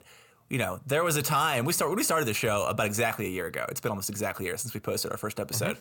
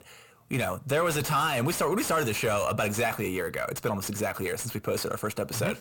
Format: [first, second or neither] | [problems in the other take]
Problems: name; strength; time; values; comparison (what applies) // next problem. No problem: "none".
first | distortion; slight; 10 dB below the speech